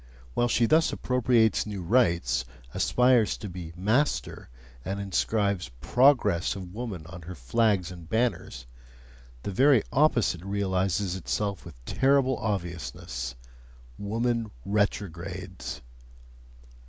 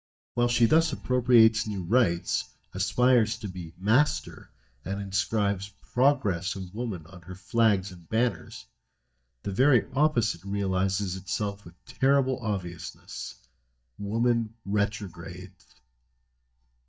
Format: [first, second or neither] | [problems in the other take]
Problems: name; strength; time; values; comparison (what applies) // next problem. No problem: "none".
first | noise reduction (neural mask model DeepFilterNet 3)